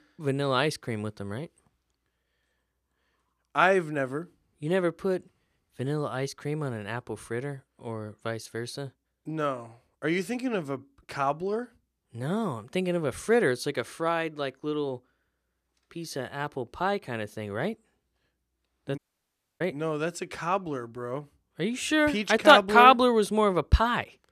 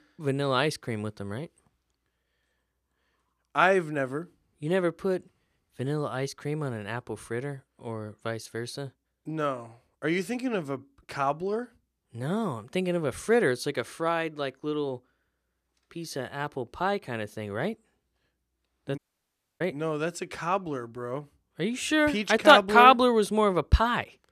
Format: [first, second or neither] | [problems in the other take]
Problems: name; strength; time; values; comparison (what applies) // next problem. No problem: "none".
neither | audio cutting out; at 19 s for 0.5 s; the same in both